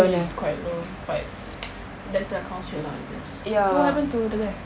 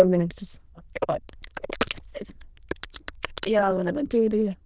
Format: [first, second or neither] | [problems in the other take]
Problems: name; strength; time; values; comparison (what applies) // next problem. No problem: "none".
first | noise reduction (neural diffusion model UNIVERSE++)